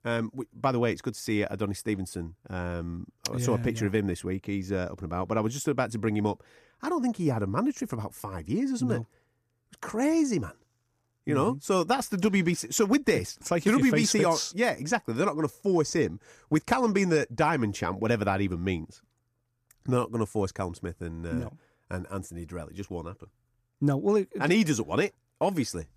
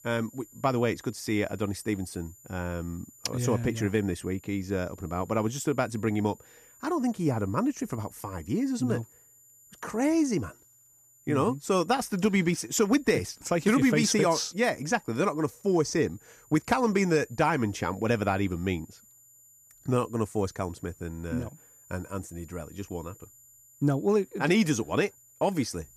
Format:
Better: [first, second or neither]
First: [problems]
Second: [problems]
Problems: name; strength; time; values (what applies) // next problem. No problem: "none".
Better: first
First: none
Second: high-pitched whine; faint; throughout; 7 kHz, 25 dB below the speech